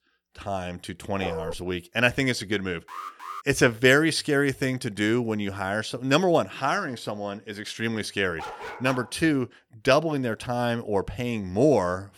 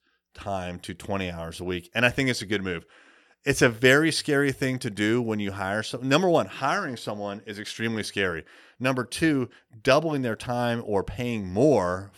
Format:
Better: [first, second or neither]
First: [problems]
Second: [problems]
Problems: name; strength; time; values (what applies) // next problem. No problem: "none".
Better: second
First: dog barking; noticeable; at 1 s; peak 8 dB below the speech // alarm; faint; at 3 s; peak 10 dB below the speech // dog barking; faint; at 8.5 s; peak 10 dB below the speech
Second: none